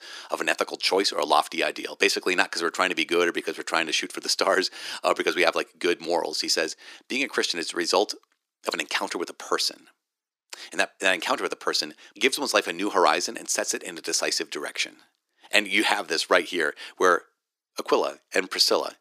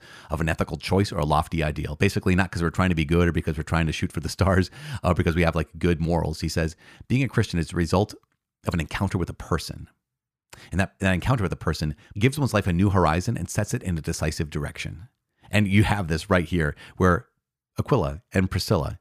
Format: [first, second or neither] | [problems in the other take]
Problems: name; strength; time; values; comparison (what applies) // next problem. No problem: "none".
second | thin; very; fading below 300 Hz